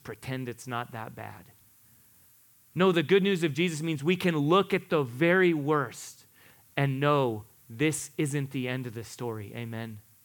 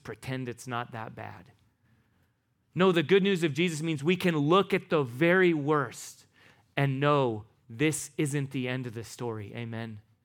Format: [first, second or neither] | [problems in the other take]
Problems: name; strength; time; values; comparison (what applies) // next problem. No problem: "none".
second | hiss; faint; throughout; 30 dB below the speech